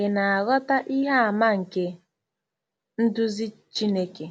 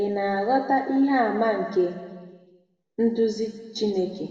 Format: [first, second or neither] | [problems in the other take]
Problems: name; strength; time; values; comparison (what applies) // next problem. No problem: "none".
first | room echo; dies away in 1.4 s